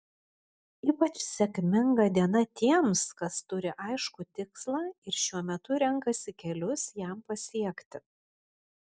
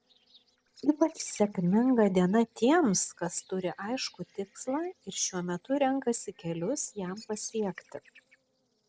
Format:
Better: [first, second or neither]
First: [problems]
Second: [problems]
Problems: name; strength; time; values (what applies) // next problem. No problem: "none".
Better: first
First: none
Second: noise reduction (neural separator model SepFormer DNS4)